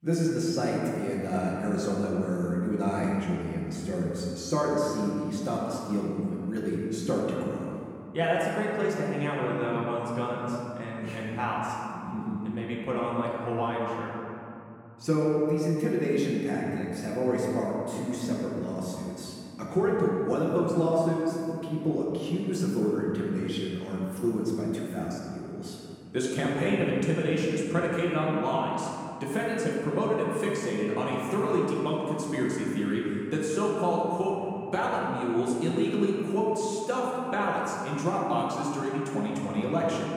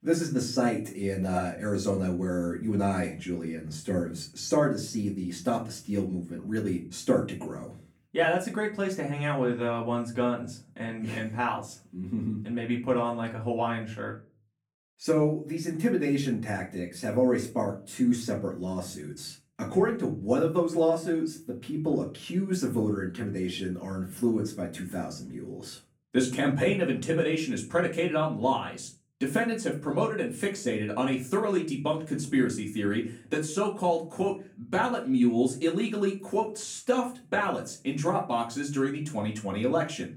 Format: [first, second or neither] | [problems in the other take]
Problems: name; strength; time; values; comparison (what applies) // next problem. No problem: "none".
second | room echo; strong; dies away in 2.6 s; slight in the second // off-mic speech; far; far in the second